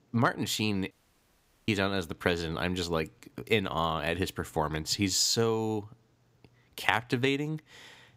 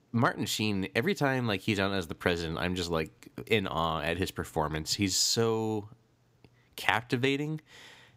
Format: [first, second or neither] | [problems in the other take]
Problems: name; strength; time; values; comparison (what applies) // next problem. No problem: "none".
second | audio cutting out; at 1 s for 1 s